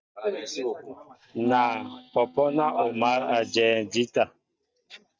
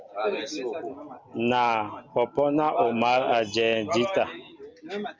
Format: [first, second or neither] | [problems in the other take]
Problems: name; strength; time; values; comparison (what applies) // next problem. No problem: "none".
second | noise reduction (neural mask model DeepFilterNet 3)